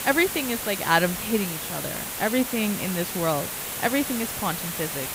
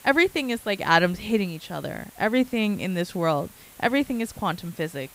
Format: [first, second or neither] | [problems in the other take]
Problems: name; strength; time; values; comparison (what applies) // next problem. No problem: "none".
second | hiss; loud; throughout; 3 dB below the speech; faint in the second